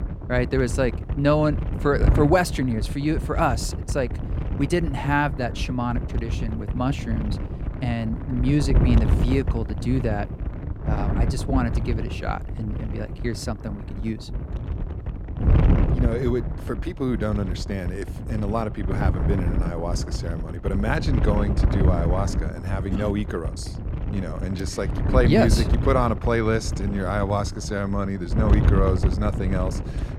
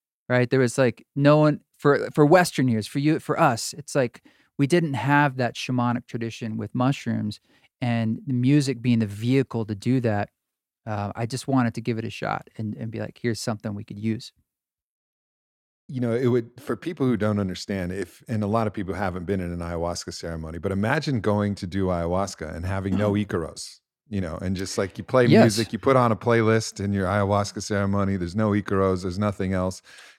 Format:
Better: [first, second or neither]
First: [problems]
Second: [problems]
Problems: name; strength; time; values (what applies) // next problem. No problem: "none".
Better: second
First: wind noise on the microphone; heavy; 9 dB below the speech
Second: none